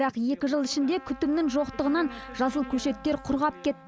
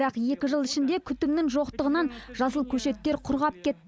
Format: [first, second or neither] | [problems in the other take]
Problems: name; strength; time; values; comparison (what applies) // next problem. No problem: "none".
second | background sound (Trumpet); 19 dB below the speech